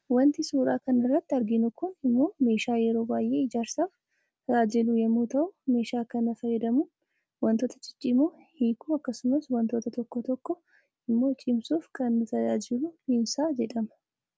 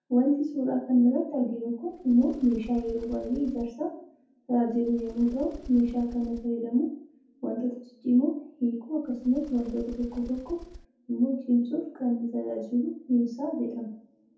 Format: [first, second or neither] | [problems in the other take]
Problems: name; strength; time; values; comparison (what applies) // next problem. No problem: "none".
first | background sound (Bird); 18 dB below the speech // room echo; dies away in 0.6 s